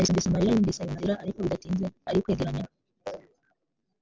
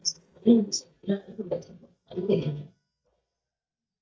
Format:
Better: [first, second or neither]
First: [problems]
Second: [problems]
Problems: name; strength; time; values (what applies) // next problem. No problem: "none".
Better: first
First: none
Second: noise reduction (neural mask model DeepFilterNet 3)